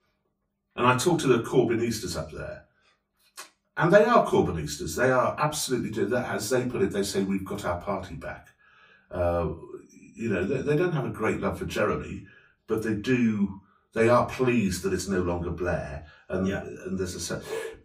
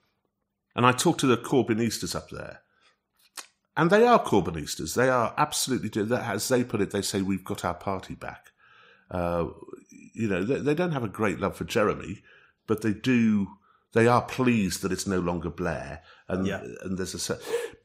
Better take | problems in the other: second | off-mic speech; far // room echo; very slight; dies away in 0.2 s

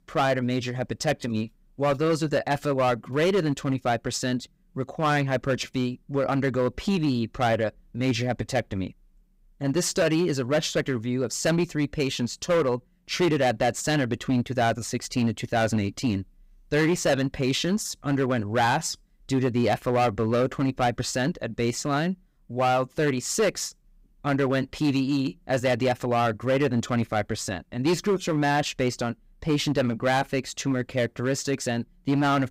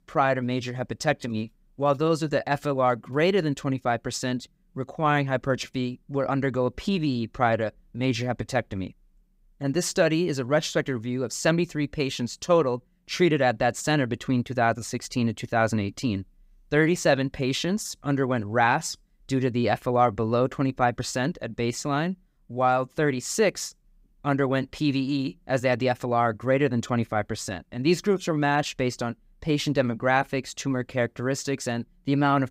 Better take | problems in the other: second | distortion; slight; 7% of the sound clipped

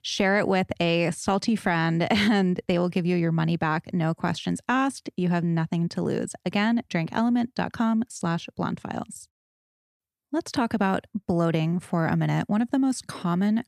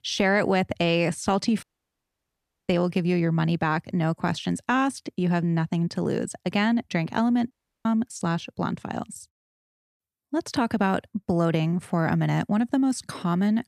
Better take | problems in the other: first | audio cutting out; at 1.5 s for 1 s and at 7.5 s

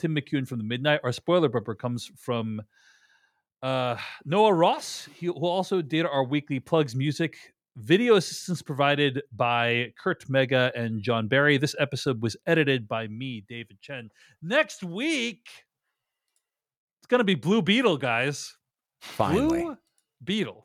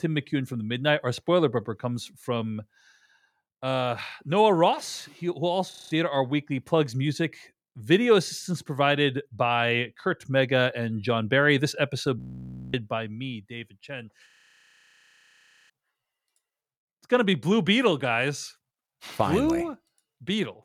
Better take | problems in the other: first | audio freezing; at 5.5 s, at 12 s for 0.5 s and at 14 s for 1.5 s

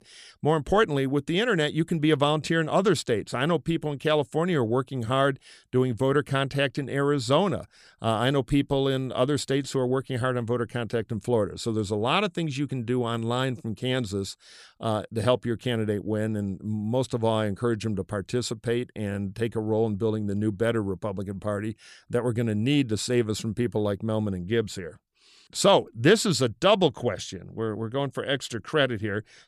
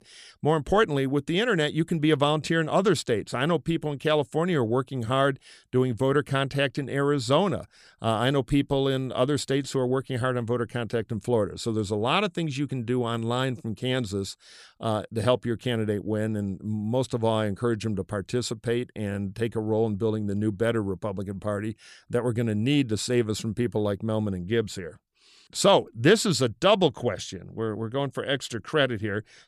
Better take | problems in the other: neither | none

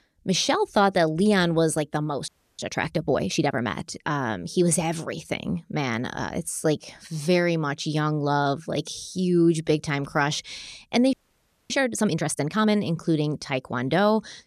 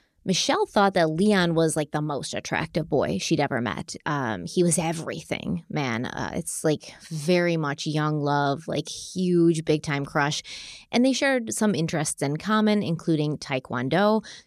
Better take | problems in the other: second | audio freezing; at 2.5 s and at 11 s for 0.5 s

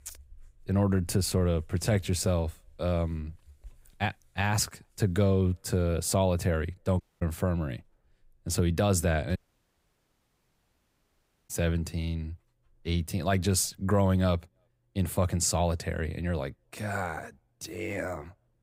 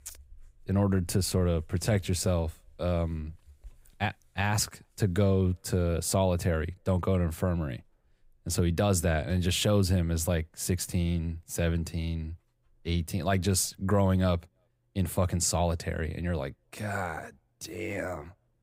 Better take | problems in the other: second | audio cutting out; at 7 s and at 9.5 s for 2 s

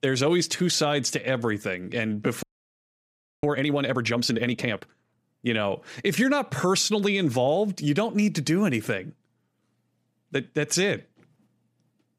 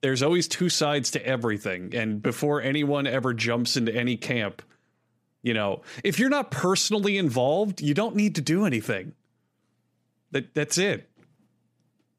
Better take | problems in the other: second | audio freezing; at 2.5 s for 1 s

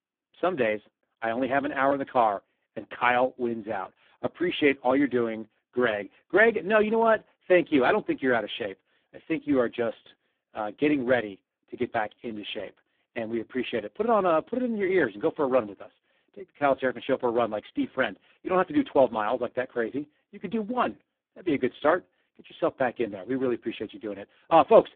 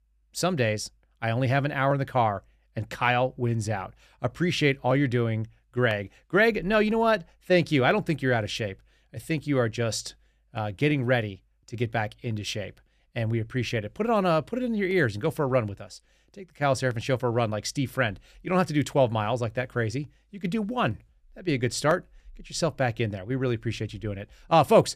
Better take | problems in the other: second | phone-call audio; poor line

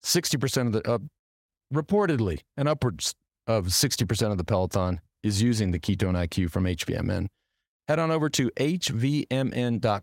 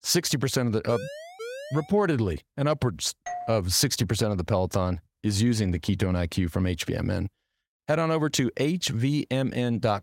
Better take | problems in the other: first | siren; faint; from 1 to 2 s; peak 10 dB below the speech // doorbell; noticeable; at 3.5 s; peak 9 dB below the speech

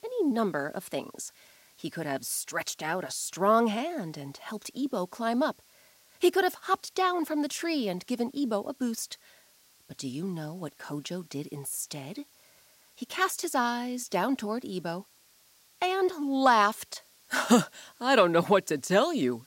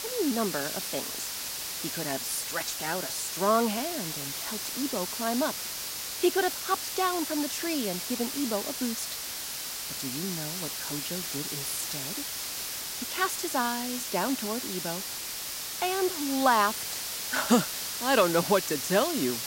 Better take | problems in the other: first | hiss; loud; throughout; 2 dB below the speech; faint in the first

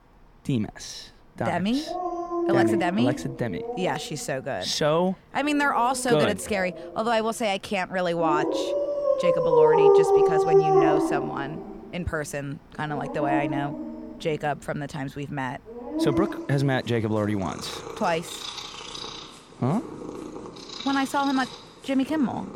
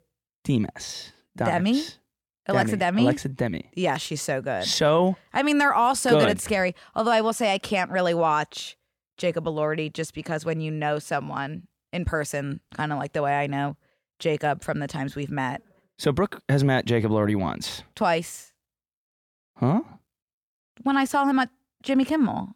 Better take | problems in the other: second | animal sounds; very loud; throughout; 2 dB above the speech

